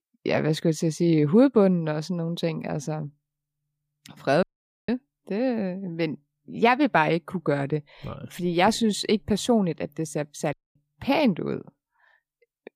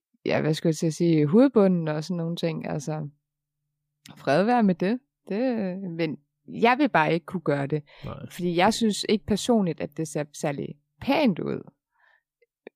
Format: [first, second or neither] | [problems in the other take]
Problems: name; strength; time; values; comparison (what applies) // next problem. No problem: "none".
second | audio cutting out; at 4.5 s and at 11 s